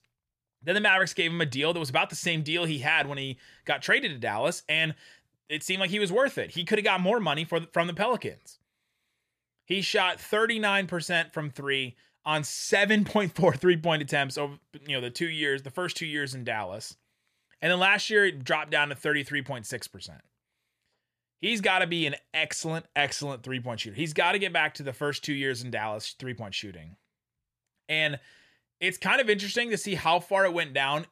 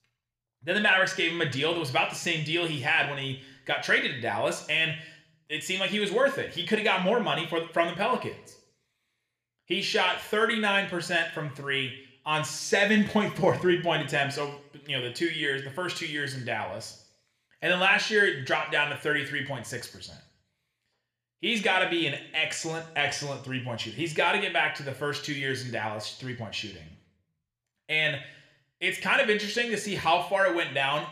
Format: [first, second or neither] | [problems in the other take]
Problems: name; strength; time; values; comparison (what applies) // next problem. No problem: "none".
first | room echo; very slight; dies away in 0.6 s